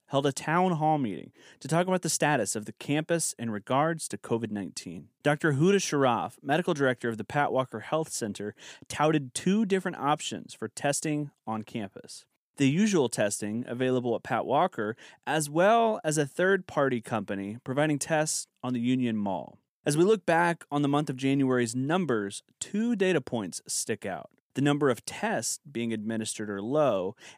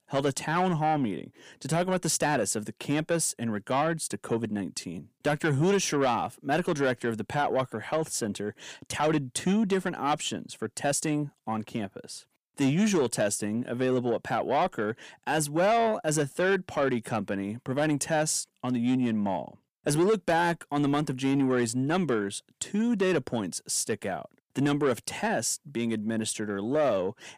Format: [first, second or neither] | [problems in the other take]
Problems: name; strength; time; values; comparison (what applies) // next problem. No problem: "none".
first | distortion; slight; 10 dB below the speech